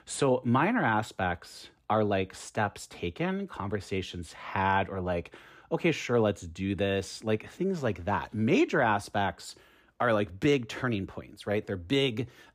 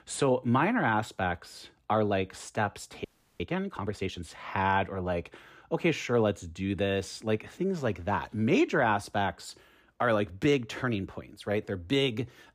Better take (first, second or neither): first